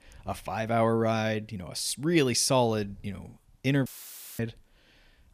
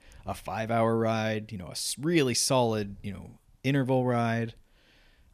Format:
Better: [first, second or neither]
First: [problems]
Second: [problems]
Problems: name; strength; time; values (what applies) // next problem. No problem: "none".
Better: second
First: audio cutting out; filled with static; at 4 s for 0.5 s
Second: none